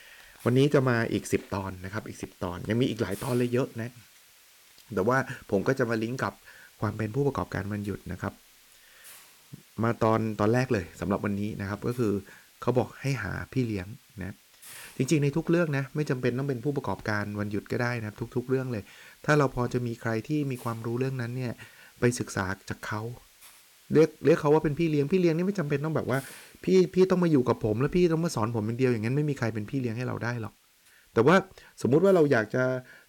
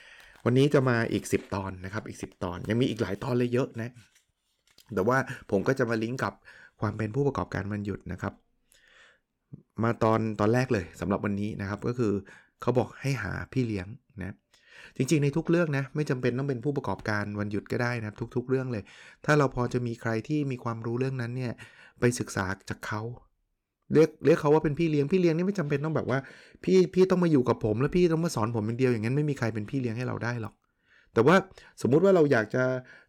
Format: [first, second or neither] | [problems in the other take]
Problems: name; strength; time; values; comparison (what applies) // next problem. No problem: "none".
second | hiss; faint; throughout; 25 dB below the speech